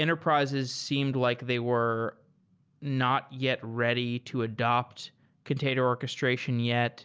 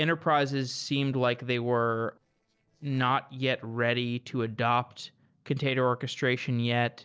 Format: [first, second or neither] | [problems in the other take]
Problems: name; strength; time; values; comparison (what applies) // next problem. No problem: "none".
first | noise reduction (neural separator model SepFormer DNS4)